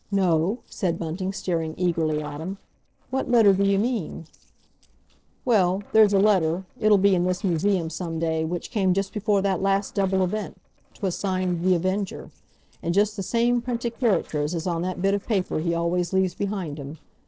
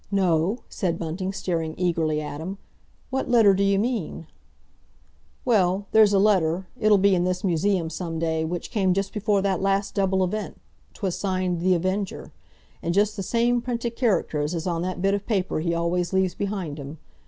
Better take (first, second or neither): second